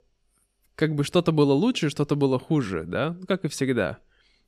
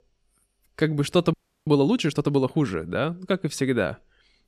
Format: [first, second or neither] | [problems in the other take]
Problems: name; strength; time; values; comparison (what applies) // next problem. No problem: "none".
first | audio freezing; at 1.5 s